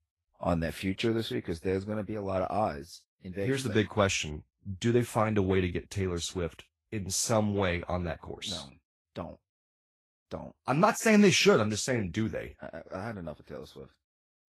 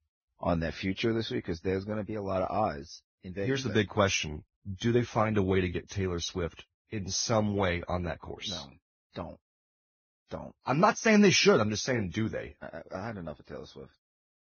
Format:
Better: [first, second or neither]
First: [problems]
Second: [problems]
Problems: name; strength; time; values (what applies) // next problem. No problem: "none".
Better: first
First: garbled, watery; slightly; nothing above 12.5 kHz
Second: garbled, watery; badly; nothing above 6.5 kHz